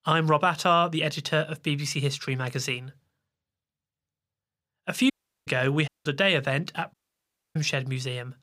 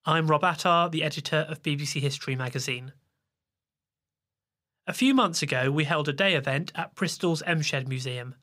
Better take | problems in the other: second | audio cutting out; at 5 s, at 6 s and at 7 s for 0.5 s

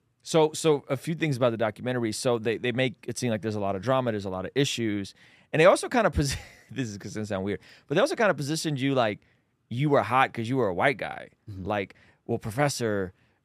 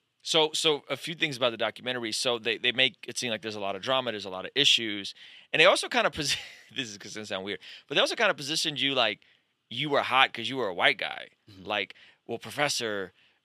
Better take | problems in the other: first | thin; very slightly; fading below 850 Hz

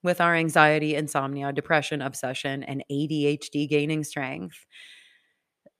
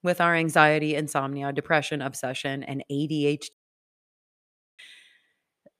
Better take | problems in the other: first | audio cutting out; at 3.5 s for 1.5 s

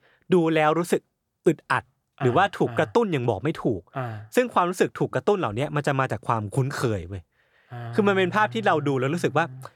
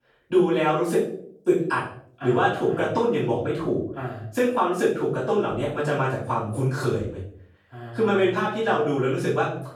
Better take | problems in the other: first | off-mic speech; far // room echo; noticeable; dies away in 0.5 s

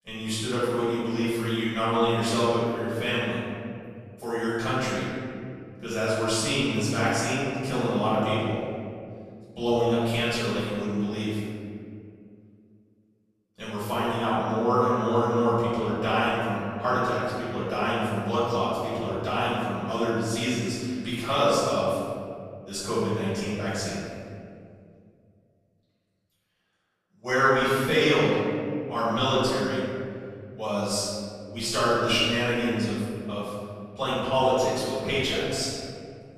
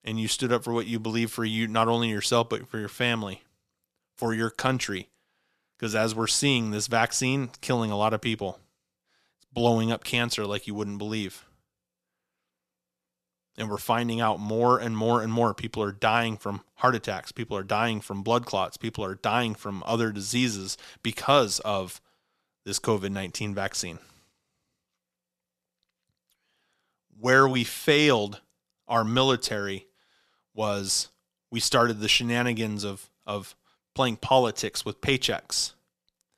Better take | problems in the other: second | room echo; strong; dies away in 2.3 s // off-mic speech; far

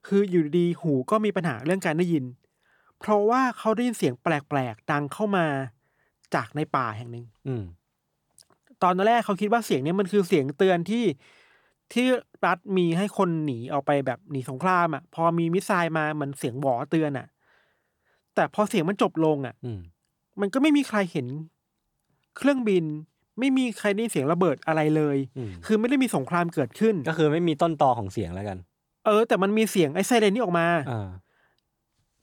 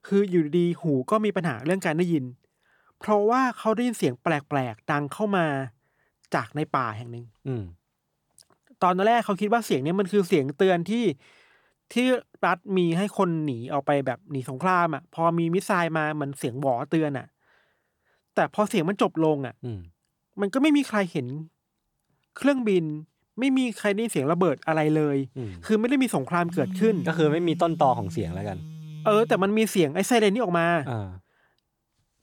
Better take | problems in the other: first | phone ringing; noticeable; from 26 to 29 s; peak 8 dB below the speech

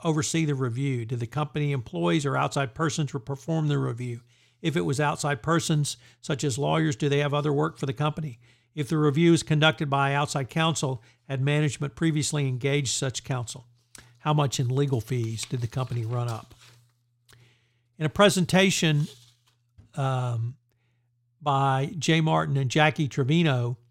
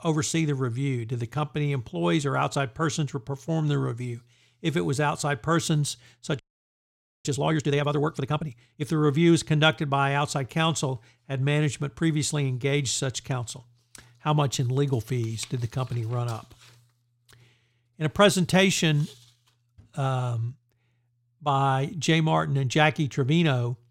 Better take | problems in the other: first | audio freezing; at 6.5 s for 1 s

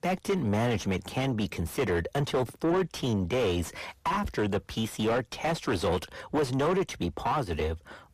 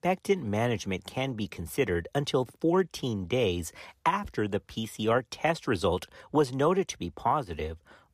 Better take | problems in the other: second | distortion; heavy; 6 dB below the speech

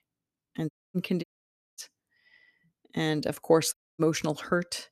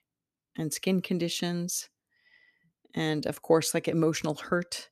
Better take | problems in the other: second | audio cutting out; at 0.5 s, at 1 s for 0.5 s and at 3.5 s

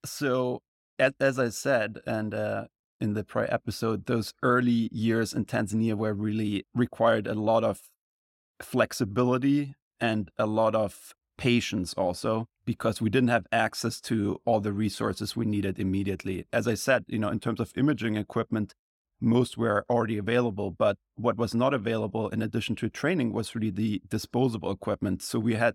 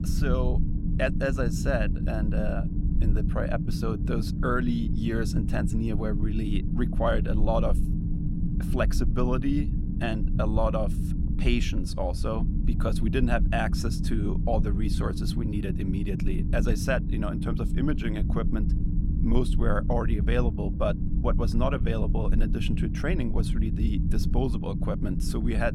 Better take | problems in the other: first | low rumble; loud; throughout; 8 dB below the speech

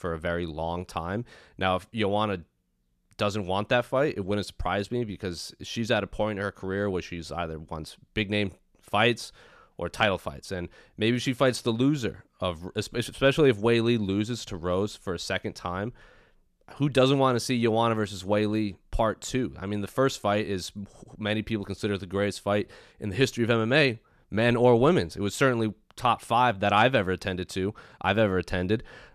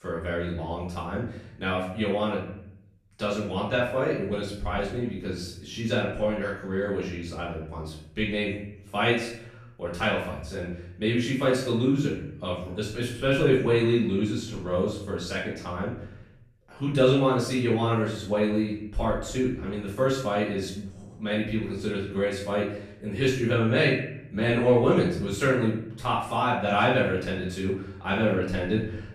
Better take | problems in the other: first | off-mic speech; far // room echo; noticeable; dies away in 0.7 s

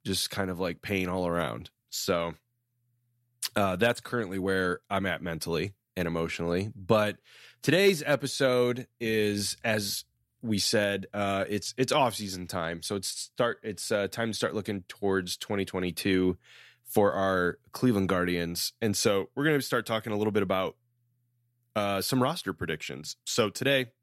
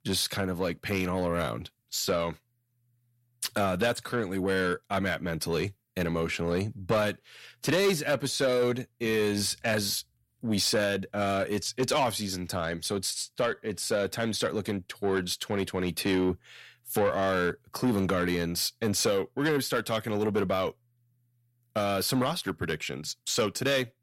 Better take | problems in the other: first | distortion; slight; 10 dB below the speech

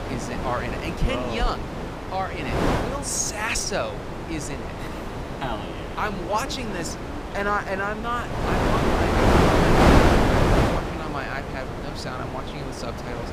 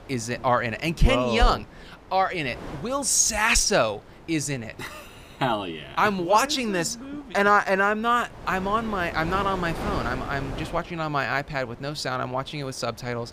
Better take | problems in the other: second | wind noise on the microphone; heavy; 2 dB above the speech; occasional gusts in the second

